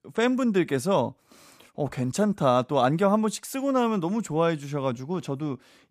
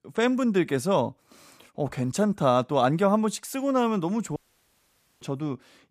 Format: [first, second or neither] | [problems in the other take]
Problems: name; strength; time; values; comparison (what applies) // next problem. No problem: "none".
first | audio cutting out; at 4.5 s for 1 s